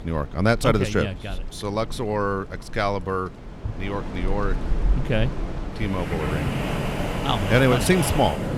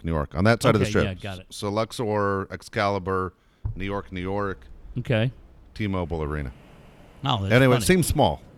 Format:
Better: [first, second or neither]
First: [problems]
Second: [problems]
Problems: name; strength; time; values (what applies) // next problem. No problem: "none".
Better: second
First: wind in the background; loud; throughout; 5 dB below the speech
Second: wind in the background; faint; throughout; 30 dB below the speech